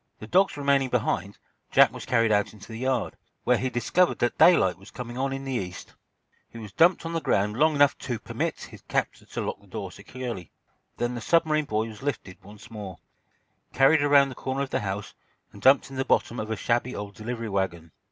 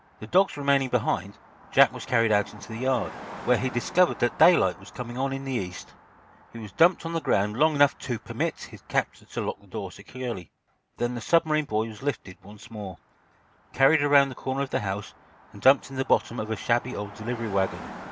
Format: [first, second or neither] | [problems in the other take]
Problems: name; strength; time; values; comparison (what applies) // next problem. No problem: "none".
first | background sound (Car passing by); 20 dB below the speech